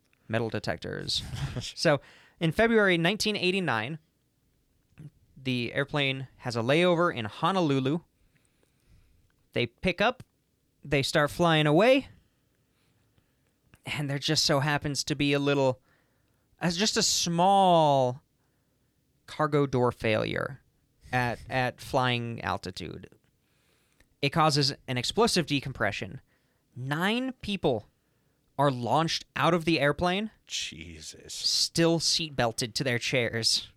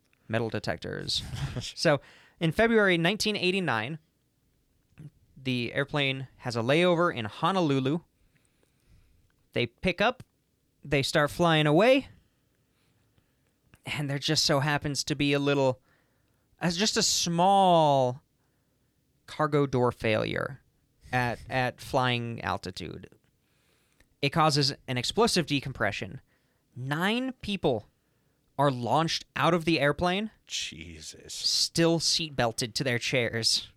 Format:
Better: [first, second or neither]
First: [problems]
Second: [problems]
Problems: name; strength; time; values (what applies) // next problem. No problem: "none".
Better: neither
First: none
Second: none